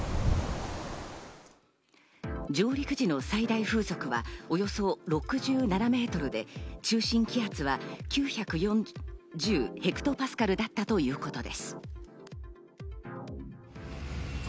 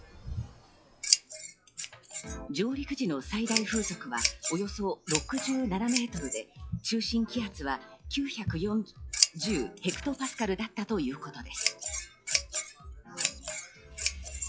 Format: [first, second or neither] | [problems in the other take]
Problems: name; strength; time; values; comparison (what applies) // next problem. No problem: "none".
first | noise reduction (classical method log-MMSE)